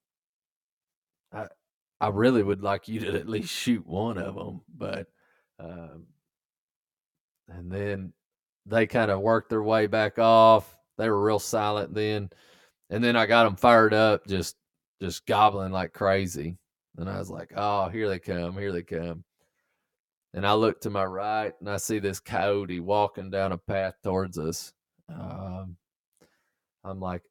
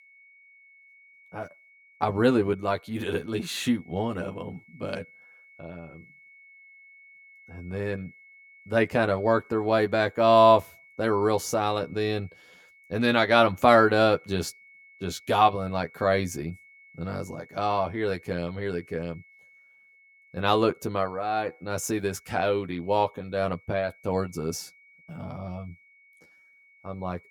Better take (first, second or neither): first